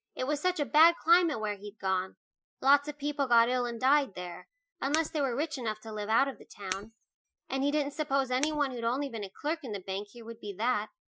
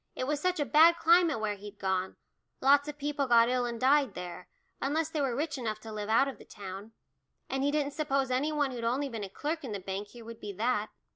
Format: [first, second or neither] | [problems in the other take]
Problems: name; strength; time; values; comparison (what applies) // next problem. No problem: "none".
second | noise reduction (classical method Wiener filter)